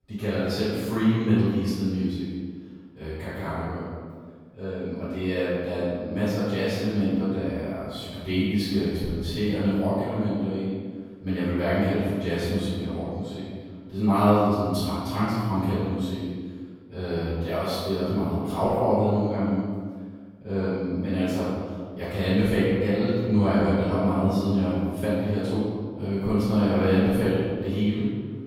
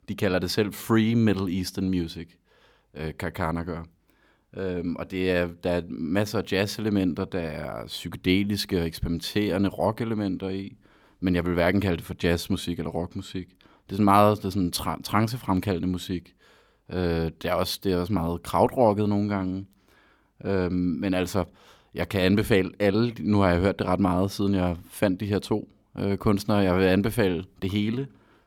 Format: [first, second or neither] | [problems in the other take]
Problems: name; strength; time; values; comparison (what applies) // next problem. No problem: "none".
second | off-mic speech; far // room echo; strong; dies away in 1.6 s